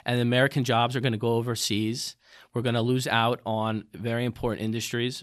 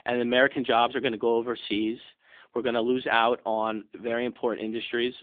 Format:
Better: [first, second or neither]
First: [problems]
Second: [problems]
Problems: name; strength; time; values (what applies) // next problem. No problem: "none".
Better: first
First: none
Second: phone-call audio; nothing above 3.5 kHz